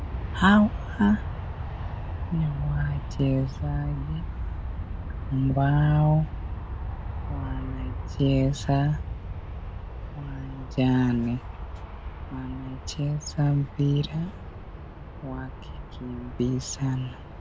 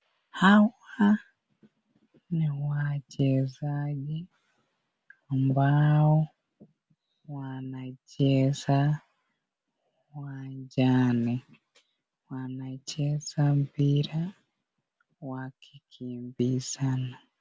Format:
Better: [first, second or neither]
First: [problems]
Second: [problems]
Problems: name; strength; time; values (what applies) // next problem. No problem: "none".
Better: second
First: background sound (Aircraft); 7 dB below the speech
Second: none